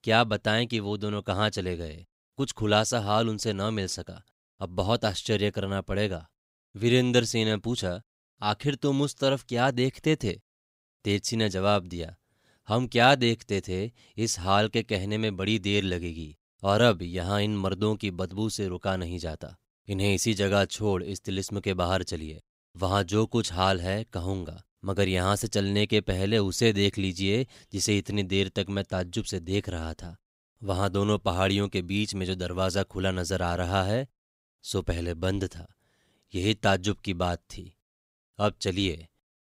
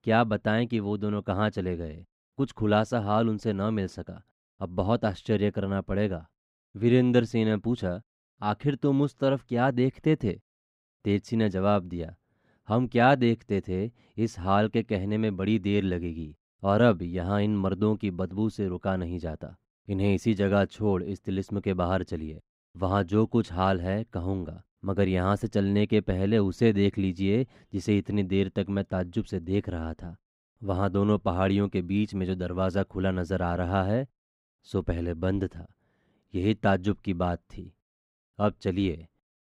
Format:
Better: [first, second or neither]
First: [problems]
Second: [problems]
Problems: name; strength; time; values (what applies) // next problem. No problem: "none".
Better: first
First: none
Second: muffled; very; fading above 3 kHz